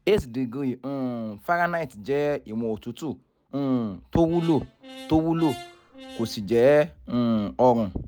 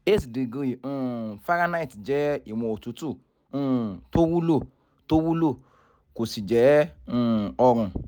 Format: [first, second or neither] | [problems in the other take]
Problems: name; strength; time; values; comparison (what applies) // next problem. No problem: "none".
second | background sound (Brass instrument); 19 dB below the speech